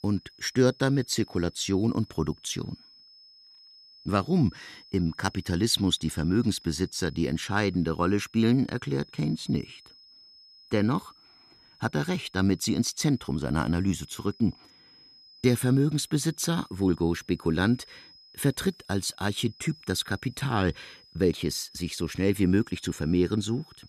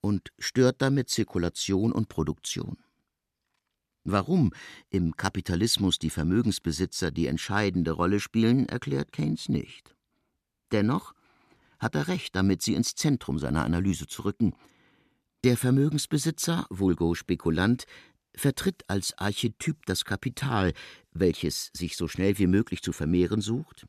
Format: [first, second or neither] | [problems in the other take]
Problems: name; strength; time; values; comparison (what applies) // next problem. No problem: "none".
second | high-pitched whine; faint; throughout; 5 kHz, 25 dB below the speech